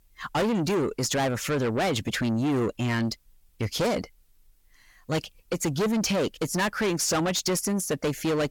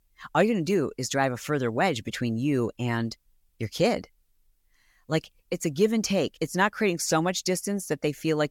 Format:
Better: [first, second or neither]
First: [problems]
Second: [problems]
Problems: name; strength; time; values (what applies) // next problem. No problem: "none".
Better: second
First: distortion; heavy; 6 dB below the speech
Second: none